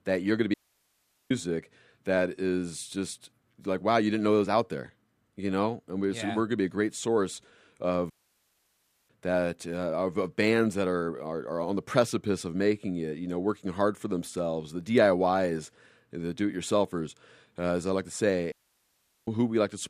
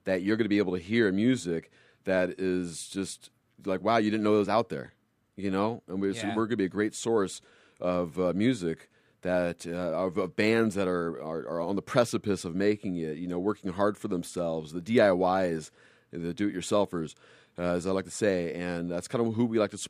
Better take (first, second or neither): second